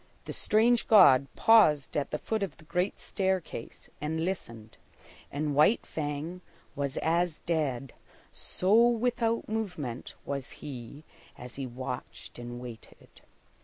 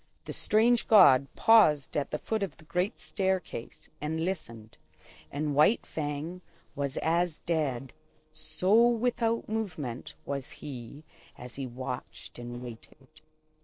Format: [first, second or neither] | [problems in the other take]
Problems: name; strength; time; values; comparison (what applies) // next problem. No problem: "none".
first | noise reduction (neural separator model SepFormer DNS4)